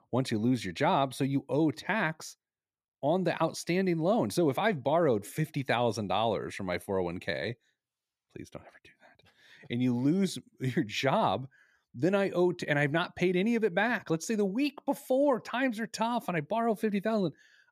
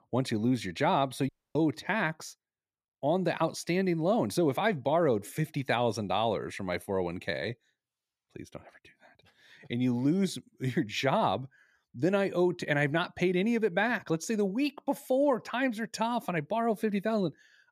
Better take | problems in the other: first | audio cutting out; at 1.5 s

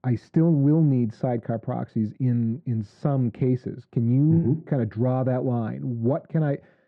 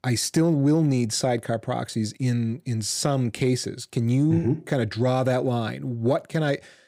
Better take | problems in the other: second | muffled; very; fading above 1 kHz

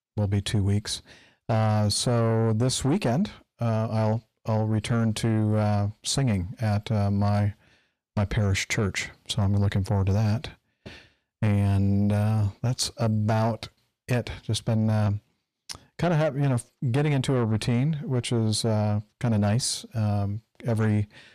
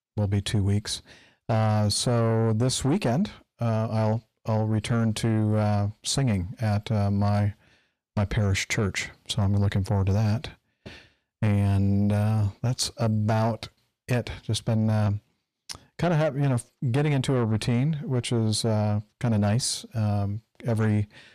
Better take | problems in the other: neither | distortion; slight; 10 dB below the speech; the same in both

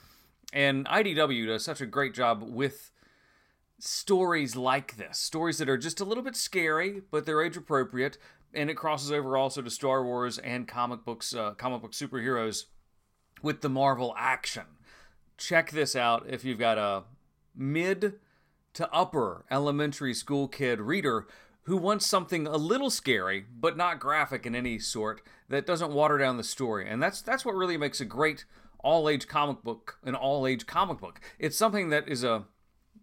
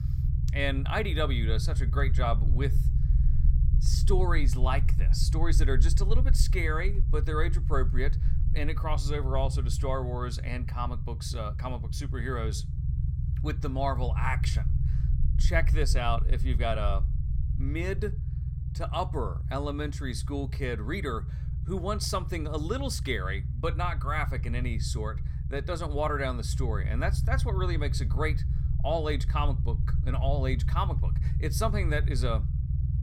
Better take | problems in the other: first | low rumble; noticeable; throughout; 10 dB below the speech

